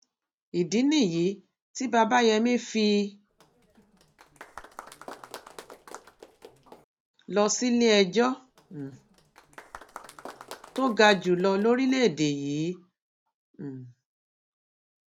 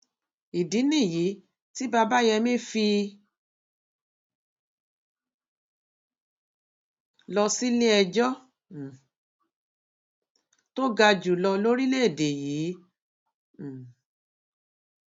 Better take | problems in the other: second | background sound (Applause); 20 dB below the speech

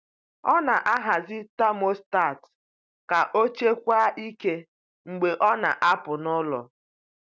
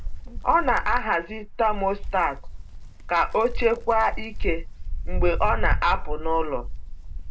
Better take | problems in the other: first | background sound (Wind); 1 dB below the speech // room echo; dies away in 0.2 s

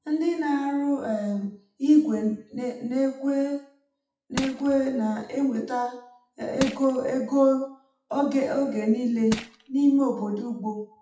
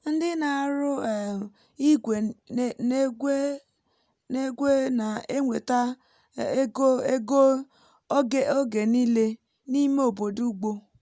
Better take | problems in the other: second | noise reduction (classical method WPE with log-MMSE)

